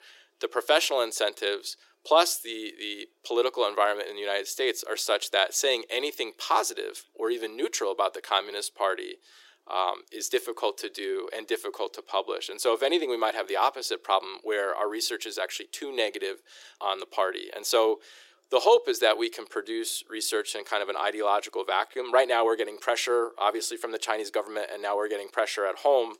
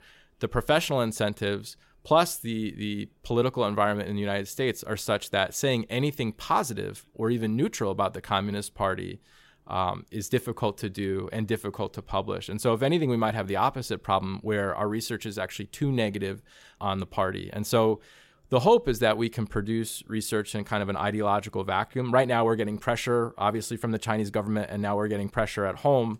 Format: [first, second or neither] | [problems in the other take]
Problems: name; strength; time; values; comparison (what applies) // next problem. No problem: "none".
second | thin; very; fading below 350 Hz